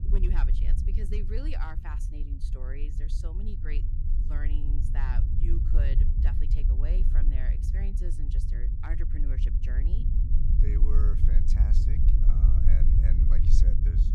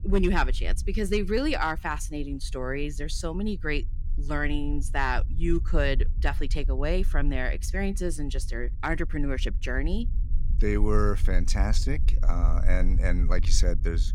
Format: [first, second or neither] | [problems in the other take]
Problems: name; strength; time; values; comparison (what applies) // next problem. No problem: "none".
second | low rumble; loud; throughout; 1 dB below the speech; faint in the second